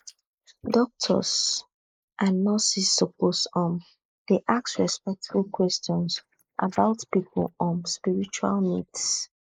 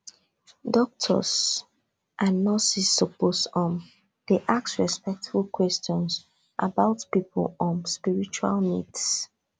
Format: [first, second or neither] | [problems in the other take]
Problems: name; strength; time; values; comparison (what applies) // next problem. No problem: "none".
second | noise reduction (neural mask model Resemble Enhance denoiser)